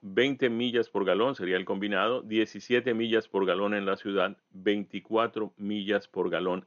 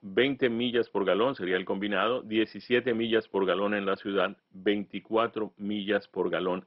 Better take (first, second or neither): first